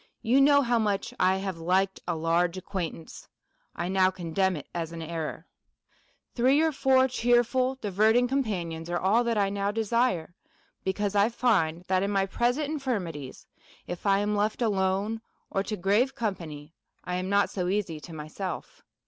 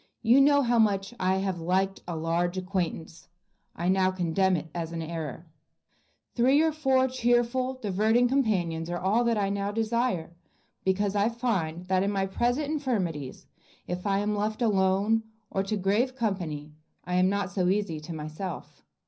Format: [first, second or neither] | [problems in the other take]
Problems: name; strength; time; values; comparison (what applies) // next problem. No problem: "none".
first | room echo; dies away in 0.5 s